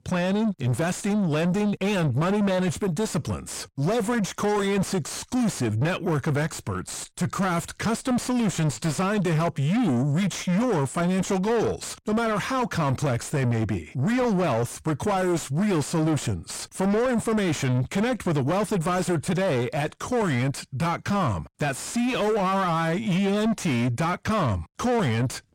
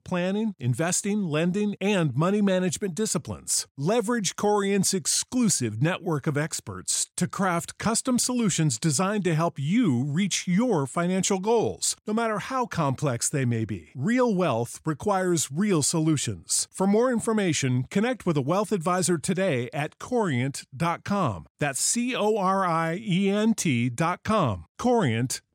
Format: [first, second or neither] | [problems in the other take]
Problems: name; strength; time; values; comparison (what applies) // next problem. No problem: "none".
second | distortion; heavy; 7 dB below the speech